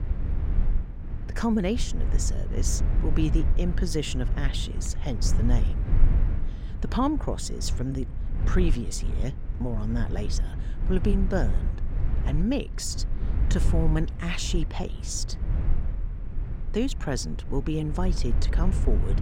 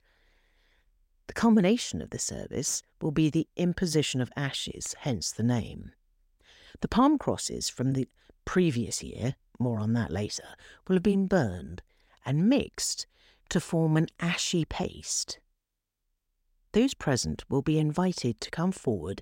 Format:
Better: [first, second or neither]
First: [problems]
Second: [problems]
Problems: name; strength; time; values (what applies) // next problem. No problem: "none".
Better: second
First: low rumble; noticeable; throughout; 10 dB below the speech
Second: none